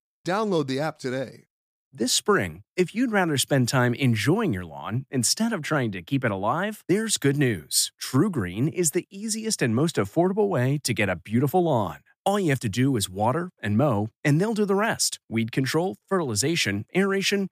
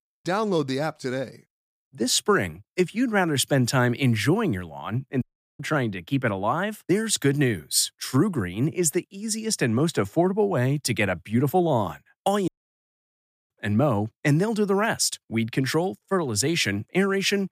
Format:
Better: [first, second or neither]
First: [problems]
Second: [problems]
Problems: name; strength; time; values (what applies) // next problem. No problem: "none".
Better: first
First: none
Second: audio cutting out; at 5 s and at 12 s for 1 s